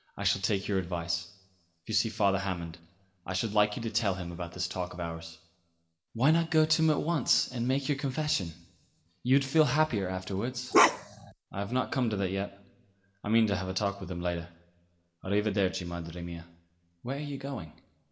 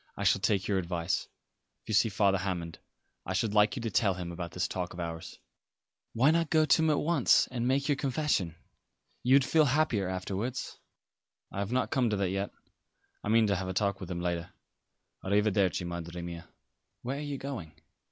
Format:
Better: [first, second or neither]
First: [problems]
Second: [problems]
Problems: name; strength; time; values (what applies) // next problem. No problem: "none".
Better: second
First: background sound (Bark); 4 dB above the speech // room echo; dies away in 0.7 s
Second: none